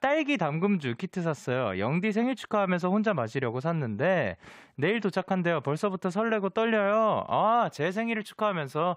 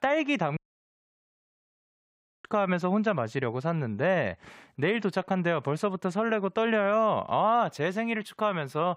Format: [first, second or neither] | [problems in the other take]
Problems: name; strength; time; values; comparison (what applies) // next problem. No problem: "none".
first | audio cutting out; at 0.5 s for 2 s